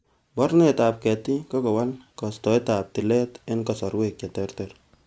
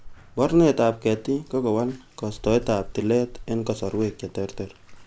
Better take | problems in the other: first | background sound (Bathtub (filling or washing)); 16 dB below the speech

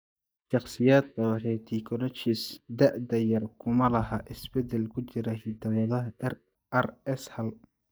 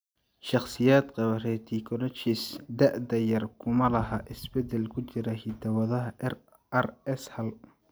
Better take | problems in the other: second | noise reduction (neural mask model DeepFilterNet 3)

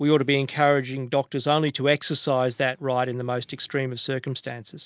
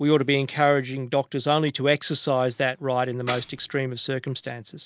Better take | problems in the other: first | background sound (Tambourine); 15 dB below the speech

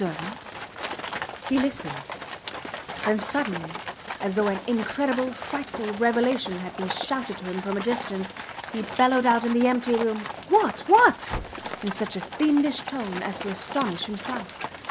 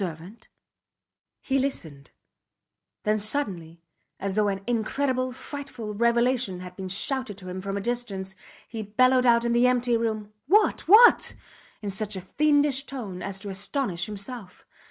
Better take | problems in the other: second | background sound (Car + Livestock, farm animals, working animals); 9 dB below the speech

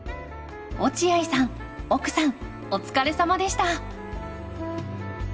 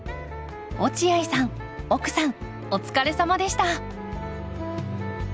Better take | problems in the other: second | room echo; dies away in 0.4 s

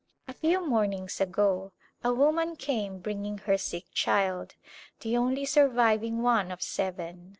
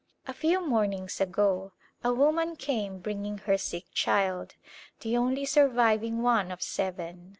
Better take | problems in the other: second | noise reduction (neural separator model SepFormer DNS4)

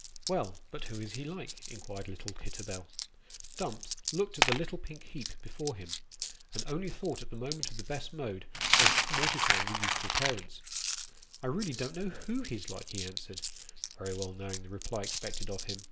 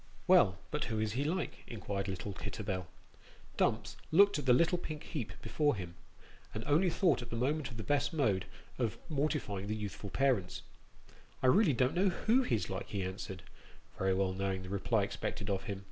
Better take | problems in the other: second | background sound (Coin (dropping)); 1 dB above the speech

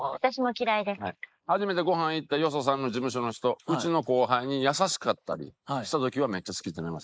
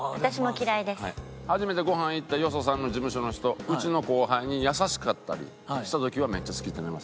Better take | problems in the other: second | noise reduction (neural mask model Resemble Enhance denoiser)

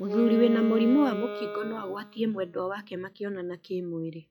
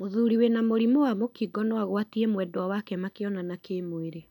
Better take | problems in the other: second | noise reduction (classical method log-MMSE)

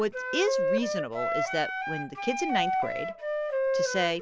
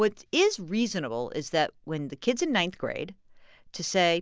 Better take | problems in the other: second | background sound (Wind instrument, woodwind instrument); 2 dB above the speech

